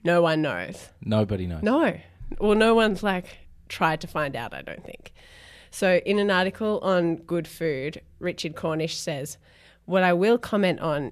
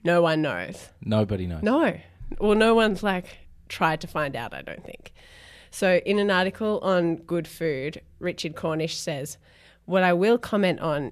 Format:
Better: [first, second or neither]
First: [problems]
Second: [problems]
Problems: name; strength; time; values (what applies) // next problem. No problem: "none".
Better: neither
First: none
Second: none